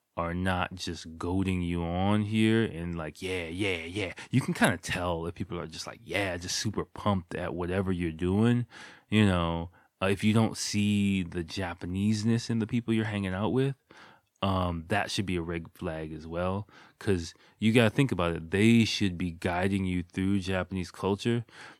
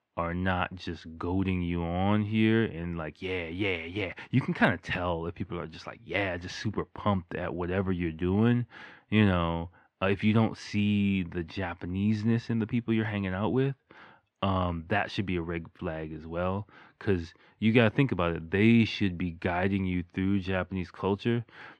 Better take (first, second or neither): first